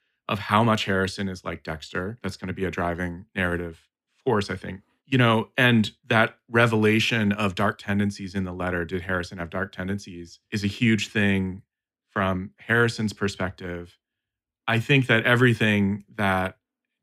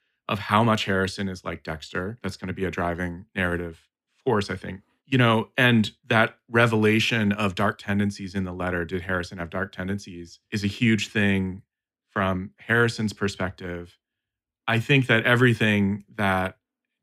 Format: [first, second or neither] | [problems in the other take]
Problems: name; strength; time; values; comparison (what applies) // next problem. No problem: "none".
neither | none